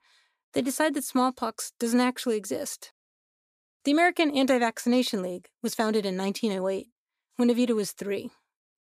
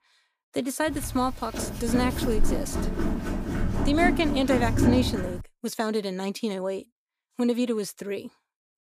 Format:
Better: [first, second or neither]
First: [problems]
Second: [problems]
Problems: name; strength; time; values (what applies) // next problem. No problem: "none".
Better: first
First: none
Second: footsteps; loud; from 1 to 5.5 s; peak 4 dB above the speech